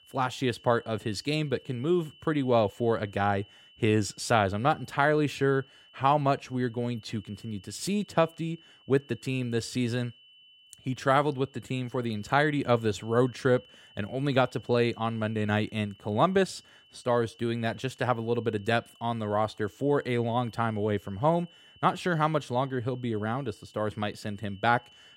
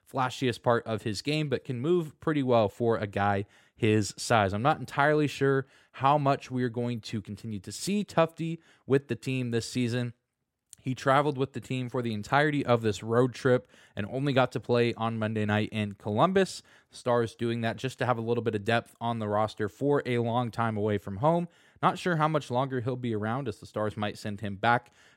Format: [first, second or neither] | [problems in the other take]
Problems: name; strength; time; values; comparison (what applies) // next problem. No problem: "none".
second | high-pitched whine; faint; throughout; 3 kHz, 25 dB below the speech